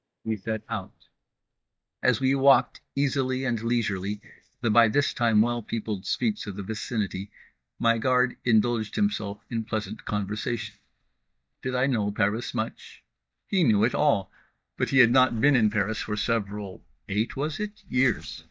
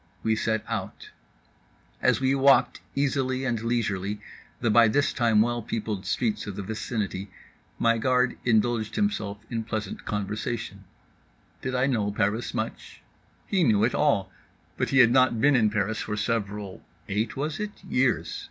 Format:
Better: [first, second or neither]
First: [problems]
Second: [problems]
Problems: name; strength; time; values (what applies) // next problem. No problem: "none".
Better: second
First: noise reduction (neural mask model DeepFilterNet 3)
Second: none